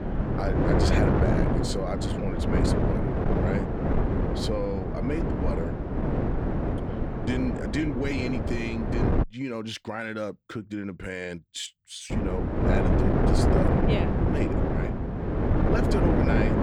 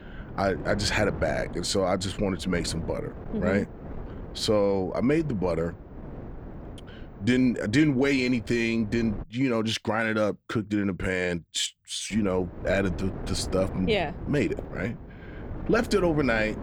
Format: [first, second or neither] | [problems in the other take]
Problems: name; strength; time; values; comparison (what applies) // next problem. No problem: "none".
second | wind noise on the microphone; heavy; until 9 s and from 12 s on; 3 dB above the speech; occasional gusts in the second